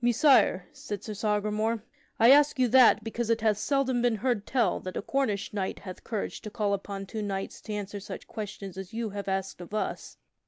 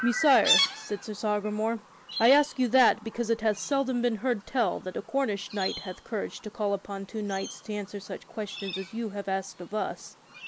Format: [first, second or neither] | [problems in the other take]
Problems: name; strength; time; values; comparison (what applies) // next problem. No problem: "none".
first | background sound (Chirp, tweet); 9 dB below the speech